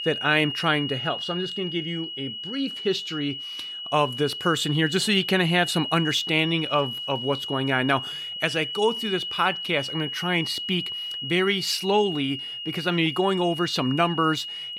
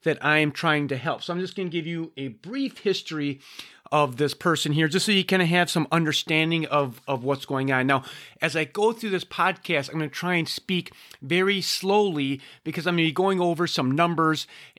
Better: second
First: high-pitched whine; loud; throughout; 3 kHz, 6 dB below the speech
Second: none

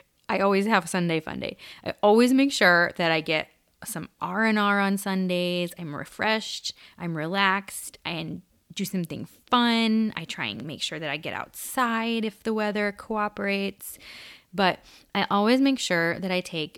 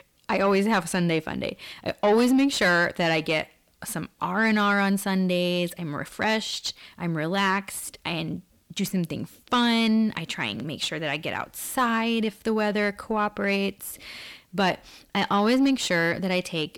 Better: first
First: none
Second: distortion; slight; 10 dB below the speech

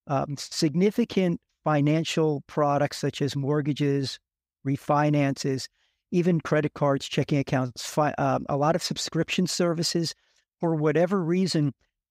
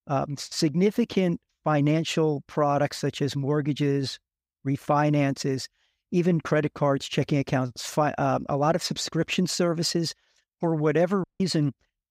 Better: first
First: none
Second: audio cutting out; at 11 s

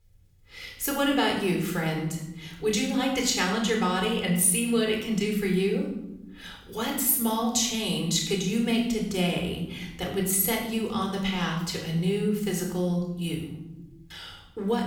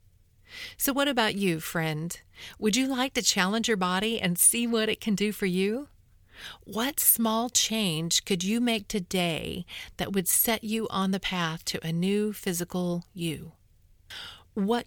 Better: second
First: off-mic speech; somewhat distant // room echo; noticeable; dies away in 1 s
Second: none

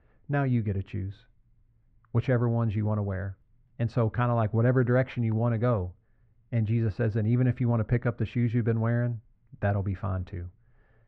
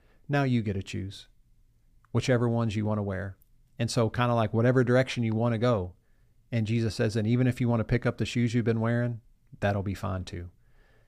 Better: second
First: muffled; very; fading above 1.5 kHz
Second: none

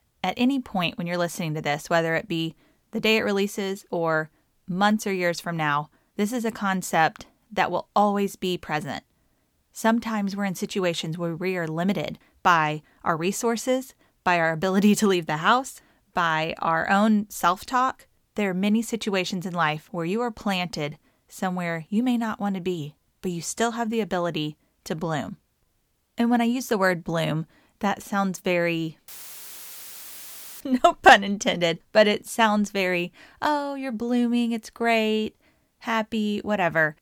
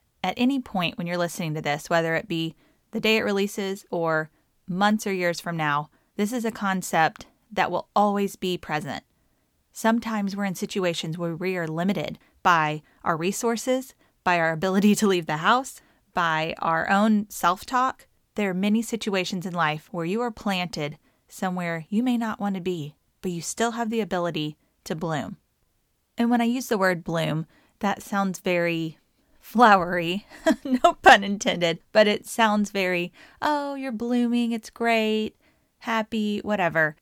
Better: second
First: audio cutting out; filled with static; at 29 s for 1.5 s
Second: none

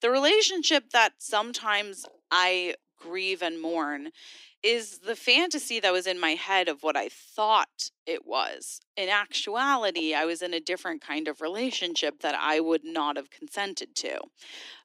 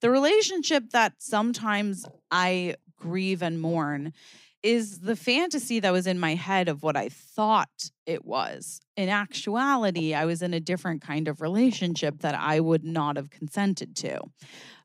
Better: second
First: thin; somewhat; fading below 300 Hz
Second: none

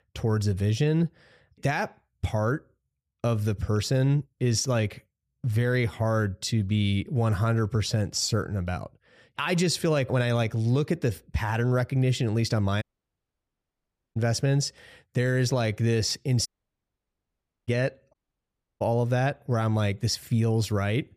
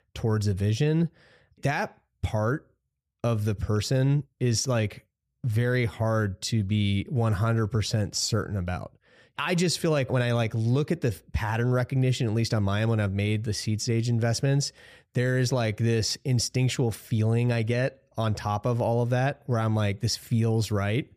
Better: second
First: audio cutting out; at 13 s for 1.5 s, at 16 s for 1 s and at 18 s for 0.5 s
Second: none

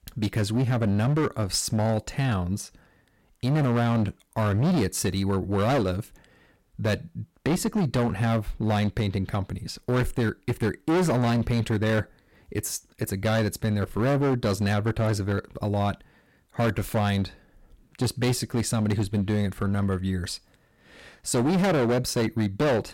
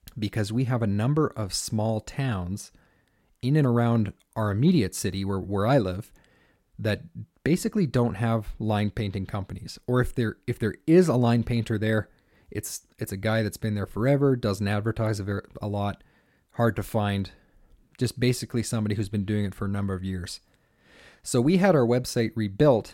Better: second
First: distortion; heavy; 14% of the sound clipped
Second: none

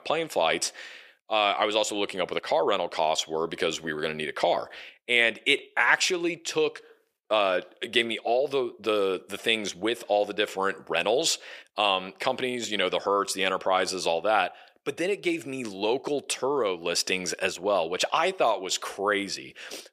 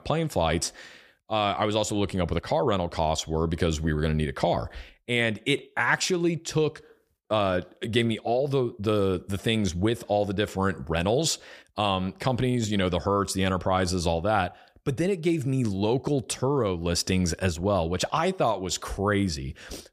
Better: second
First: thin; somewhat; fading below 450 Hz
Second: none

